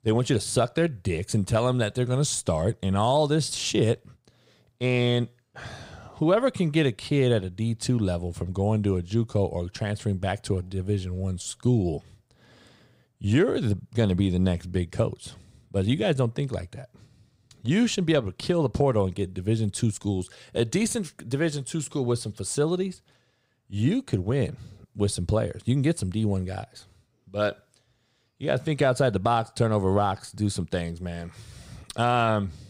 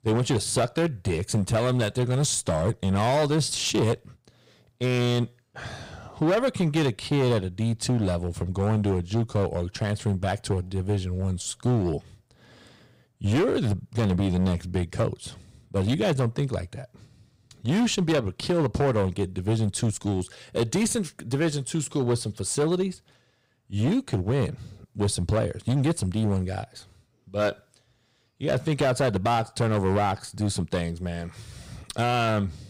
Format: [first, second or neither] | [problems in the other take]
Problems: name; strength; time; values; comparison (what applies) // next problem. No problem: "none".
first | distortion; slight; 10% of the sound clipped